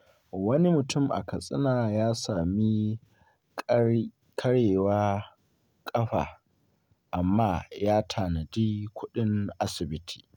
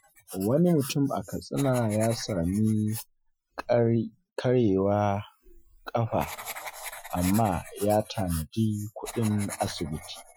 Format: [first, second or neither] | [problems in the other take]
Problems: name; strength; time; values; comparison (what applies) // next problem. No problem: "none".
first | noise reduction (classical method Wiener filter)